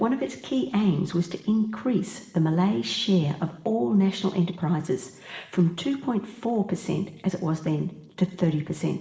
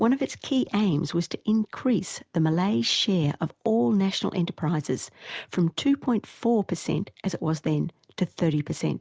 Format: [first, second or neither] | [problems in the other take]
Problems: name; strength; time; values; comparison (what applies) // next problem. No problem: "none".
second | room echo; dies away in 1.1 s